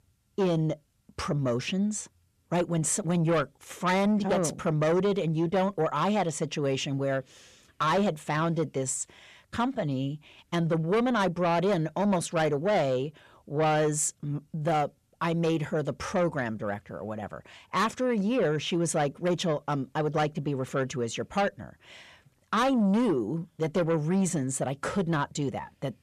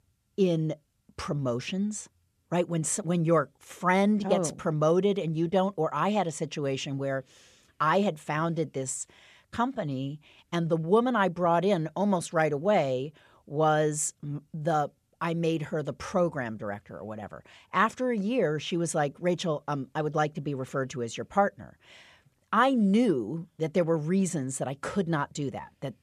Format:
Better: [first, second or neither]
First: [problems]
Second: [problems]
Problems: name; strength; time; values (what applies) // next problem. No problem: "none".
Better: second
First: distortion; slight; 10 dB below the speech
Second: none